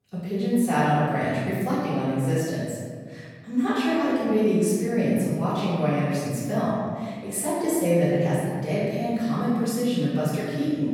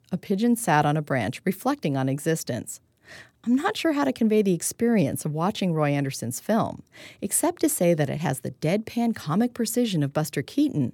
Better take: second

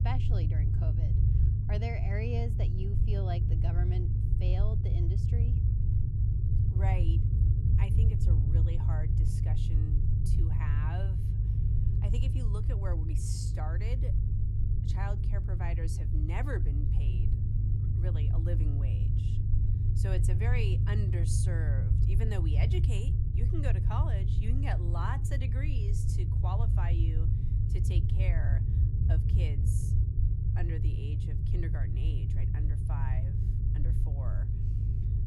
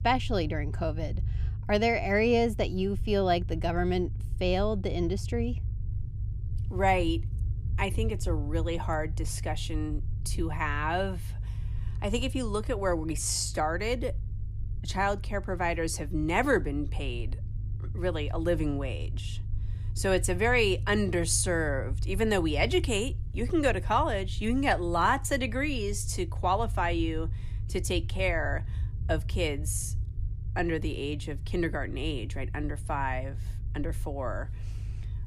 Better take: second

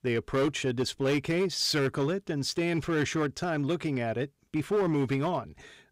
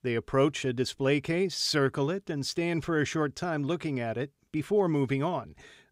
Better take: second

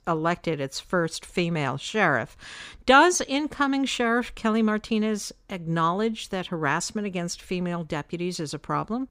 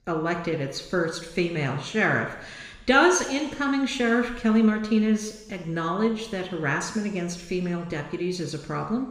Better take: first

